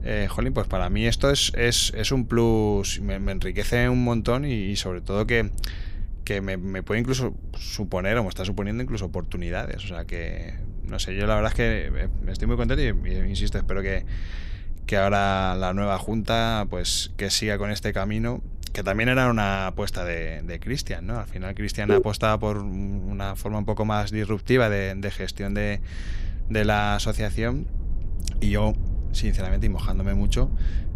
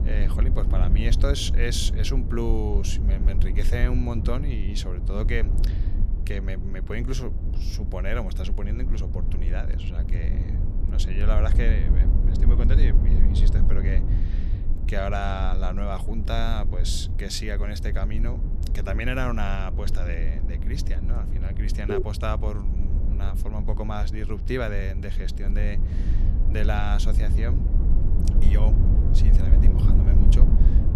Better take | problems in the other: first | low rumble; loud; throughout; 7 dB below the speech; faint in the first

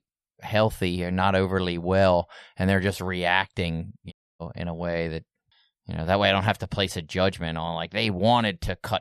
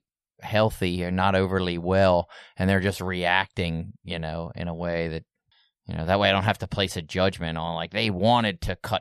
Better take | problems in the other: second | audio cutting out; at 4 s

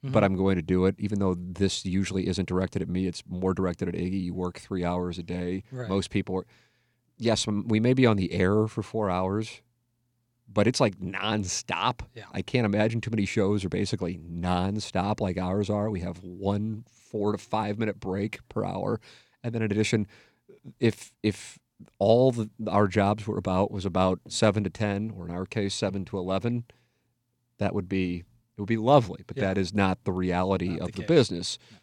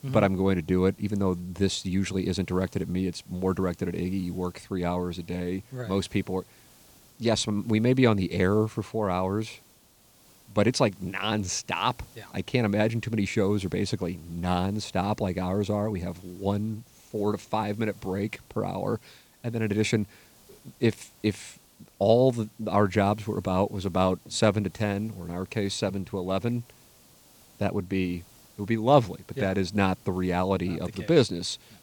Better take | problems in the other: first | hiss; faint; throughout; 25 dB below the speech

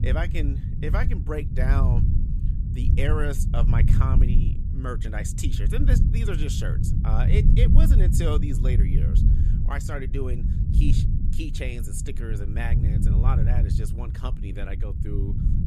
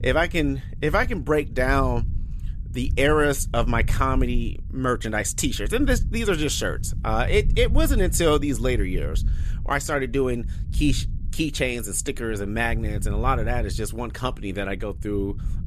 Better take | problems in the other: second | low rumble; loud; throughout; 4 dB below the speech; faint in the second

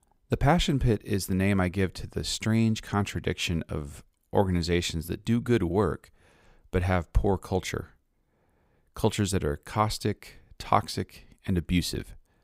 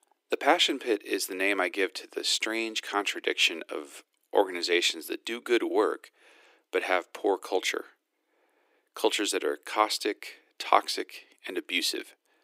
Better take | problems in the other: first | thin; very; fading below 300 Hz

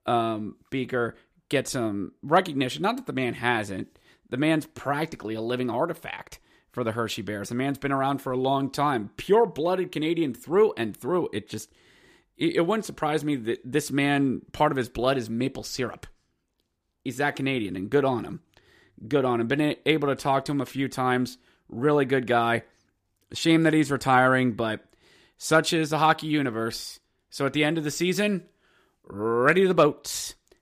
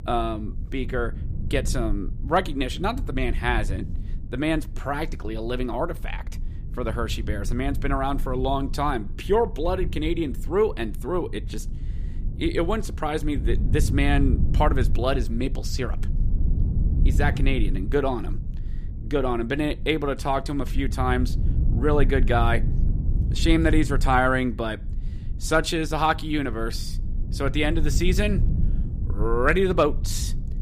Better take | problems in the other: first | low rumble; noticeable; throughout; 15 dB below the speech

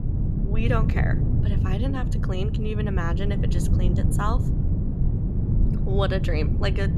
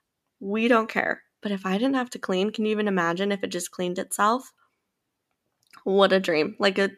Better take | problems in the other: second | low rumble; loud; throughout; 5 dB below the speech

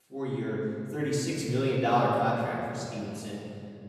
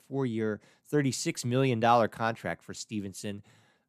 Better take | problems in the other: second | off-mic speech; far // room echo; noticeable; dies away in 2.5 s

